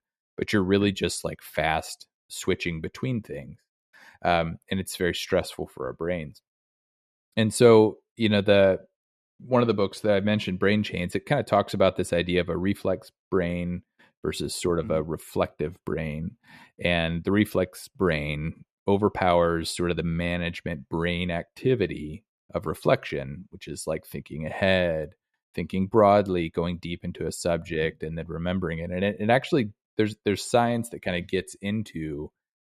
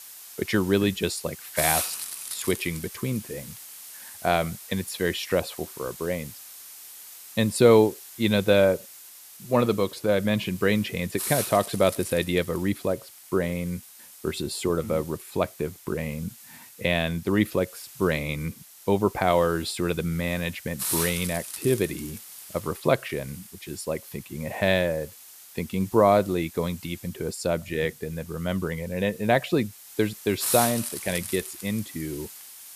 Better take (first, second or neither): first